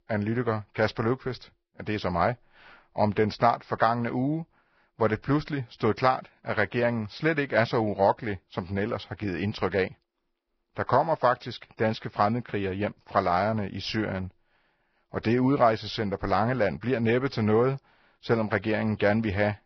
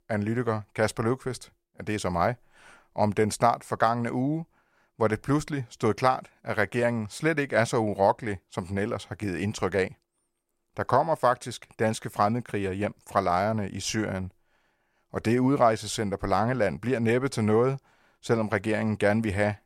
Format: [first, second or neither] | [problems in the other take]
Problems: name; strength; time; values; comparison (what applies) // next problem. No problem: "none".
second | garbled, watery; badly; nothing above 5.5 kHz